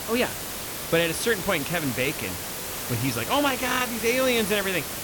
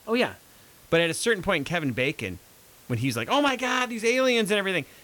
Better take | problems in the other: second | hiss; loud; throughout; 5 dB below the speech; faint in the second

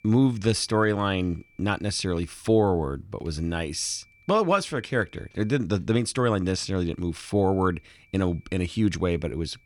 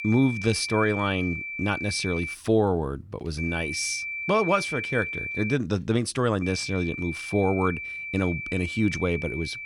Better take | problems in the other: first | high-pitched whine; loud; until 2.5 s, from 3.5 to 5.5 s and from 6.5 s on; 2.5 kHz, 5 dB below the speech; faint in the first

